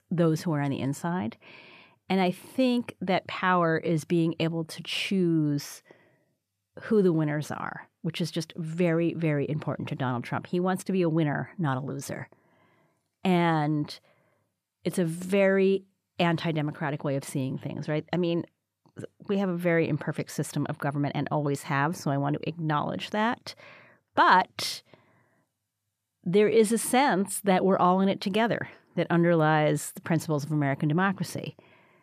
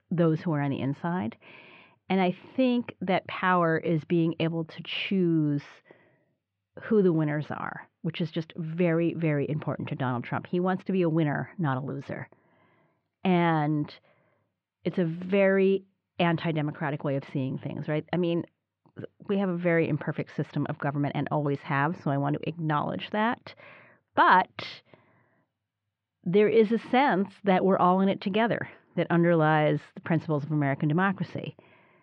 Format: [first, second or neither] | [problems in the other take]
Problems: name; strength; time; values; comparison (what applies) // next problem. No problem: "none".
first | muffled; slightly; fading above 3.5 kHz